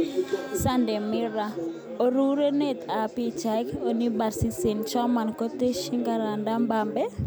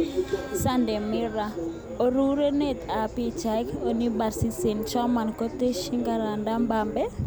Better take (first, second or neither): first